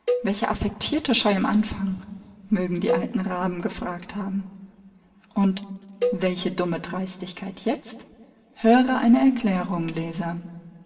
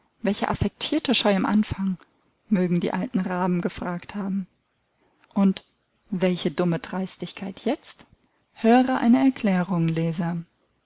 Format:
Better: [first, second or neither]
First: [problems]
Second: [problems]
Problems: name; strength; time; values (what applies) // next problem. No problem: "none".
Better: second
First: background sound (Cowbell); 8 dB below the speech // room echo; dies away in 2 s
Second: none